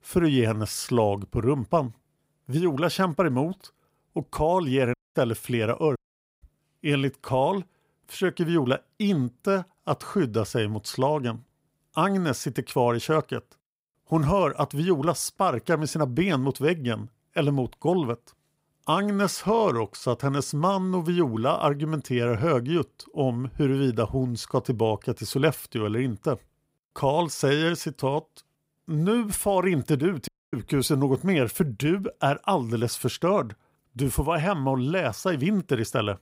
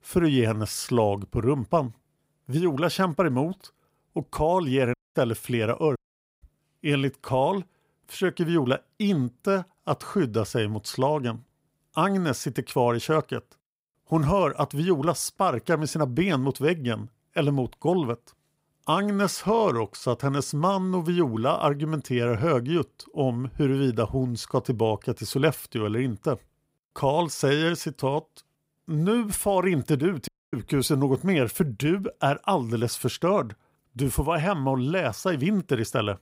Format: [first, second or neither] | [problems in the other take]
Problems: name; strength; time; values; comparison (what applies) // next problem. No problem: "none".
neither | audio cutting out; at 5 s, at 6 s and at 30 s; the same in both